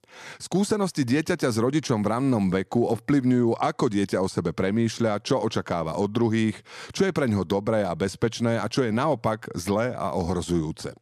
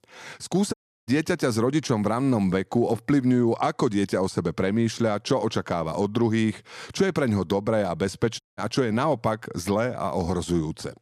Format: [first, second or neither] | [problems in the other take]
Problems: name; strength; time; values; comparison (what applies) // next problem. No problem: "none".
first | audio cutting out; at 0.5 s and at 8.5 s